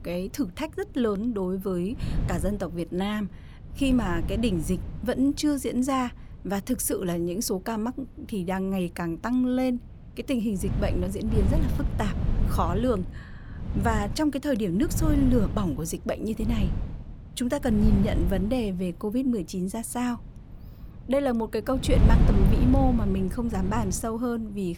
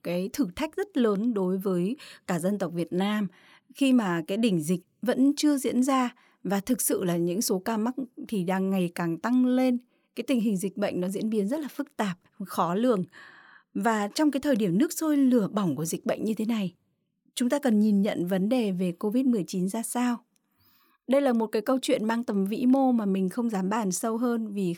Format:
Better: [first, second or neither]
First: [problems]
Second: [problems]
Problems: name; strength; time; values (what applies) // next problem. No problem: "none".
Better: second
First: wind noise on the microphone; heavy; 10 dB below the speech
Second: none